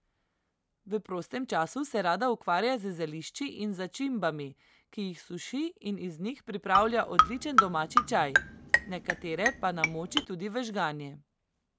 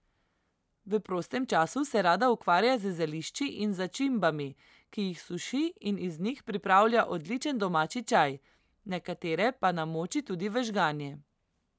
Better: second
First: background sound (Marimba, xylophone); 4 dB above the speech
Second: none

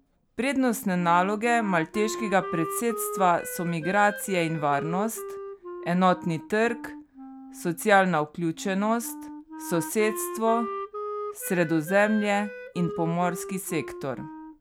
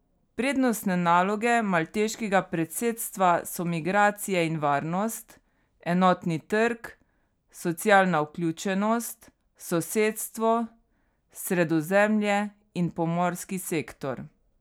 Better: second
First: background sound (Wind instrument, woodwind instrument); 11 dB below the speech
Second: none

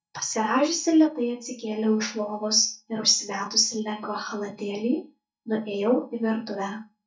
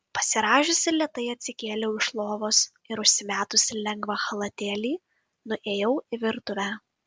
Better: second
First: noise reduction (neural mask model DeepFilterNet 3)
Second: none

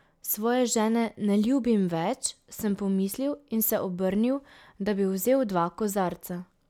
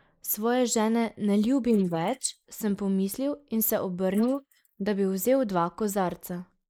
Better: first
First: none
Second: noise reduction (neural mask model Resemble Enhance denoiser)

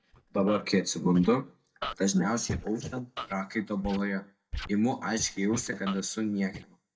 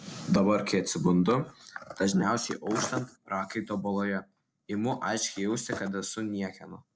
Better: second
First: noise reduction (neural mask model DeepFilterNet 3)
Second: none

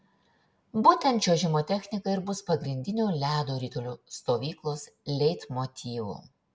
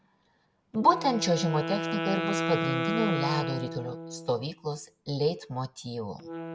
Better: first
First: none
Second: background sound (Wind instrument, woodwind instrument); 4 dB below the speech

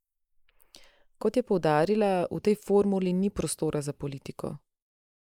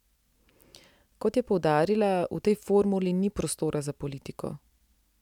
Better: second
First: noise reduction (neural mask model Resemble Enhance denoiser)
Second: none

